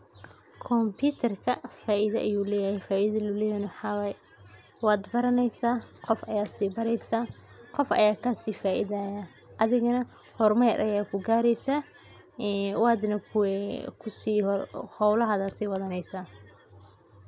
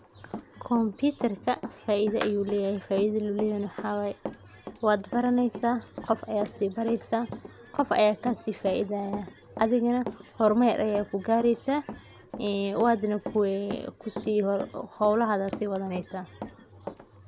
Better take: first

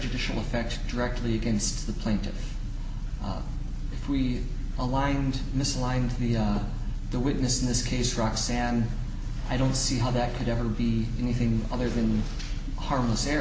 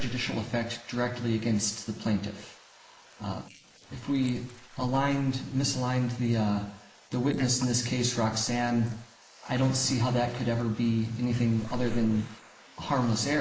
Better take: first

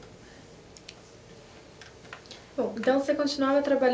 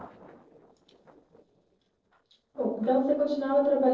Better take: first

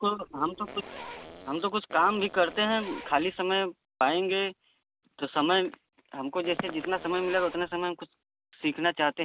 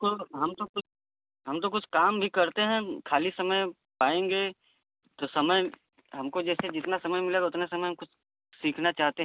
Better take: second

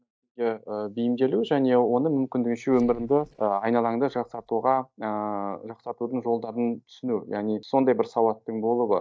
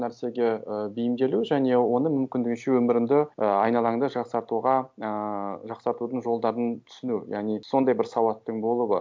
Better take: second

